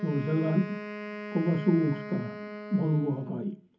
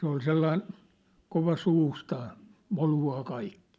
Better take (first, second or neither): second